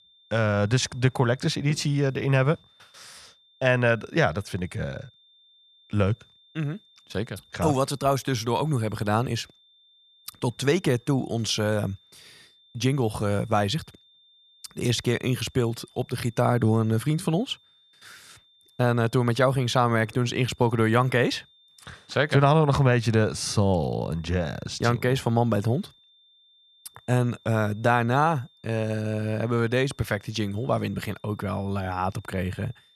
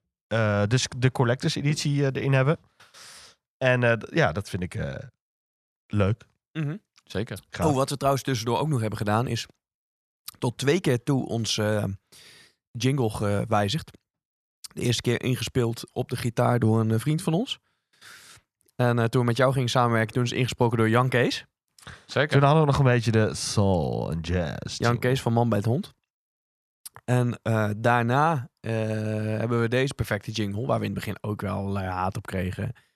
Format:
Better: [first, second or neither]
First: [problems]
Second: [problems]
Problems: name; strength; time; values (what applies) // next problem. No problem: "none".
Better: second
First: high-pitched whine; faint; throughout; 3.5 kHz, 30 dB below the speech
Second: none